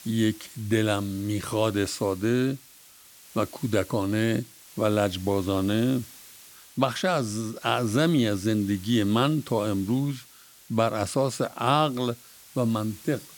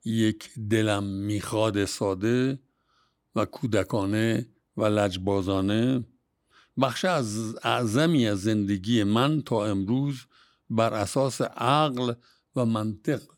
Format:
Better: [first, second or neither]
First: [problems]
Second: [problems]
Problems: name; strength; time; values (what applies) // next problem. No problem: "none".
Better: second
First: hiss; noticeable; throughout; 20 dB below the speech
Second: none